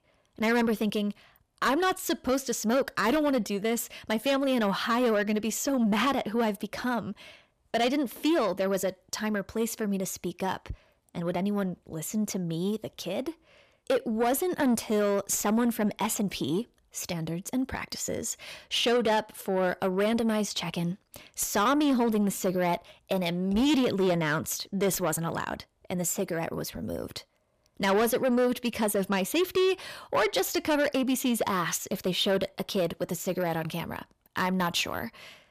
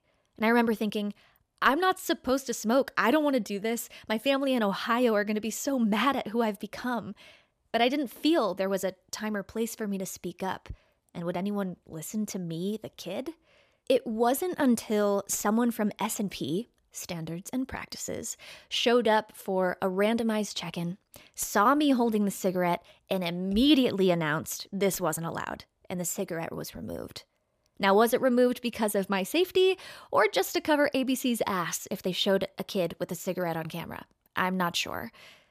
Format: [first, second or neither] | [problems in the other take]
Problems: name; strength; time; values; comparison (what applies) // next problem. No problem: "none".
second | distortion; slight; 10 dB below the speech